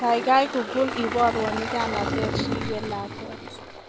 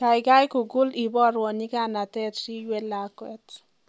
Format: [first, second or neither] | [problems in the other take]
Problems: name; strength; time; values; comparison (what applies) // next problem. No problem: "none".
second | background sound (Engine); 4 dB below the speech